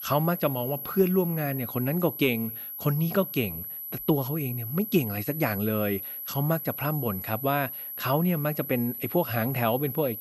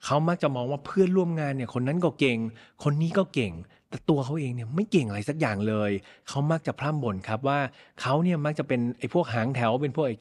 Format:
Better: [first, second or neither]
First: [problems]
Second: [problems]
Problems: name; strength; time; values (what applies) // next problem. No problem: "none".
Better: second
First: high-pitched whine; loud; throughout; 12 kHz, 6 dB below the speech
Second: none